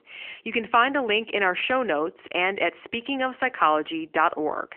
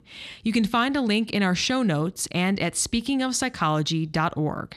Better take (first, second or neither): second